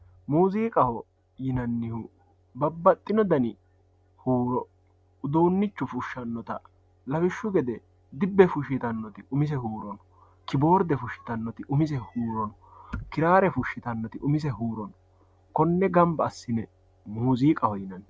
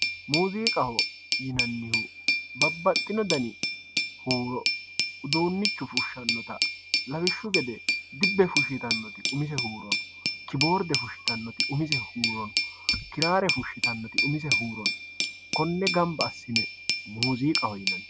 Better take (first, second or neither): first